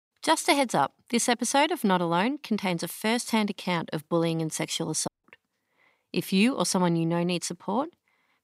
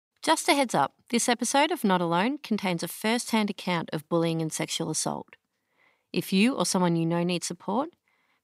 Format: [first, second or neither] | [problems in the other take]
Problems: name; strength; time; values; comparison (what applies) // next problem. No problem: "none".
second | audio cutting out; at 5 s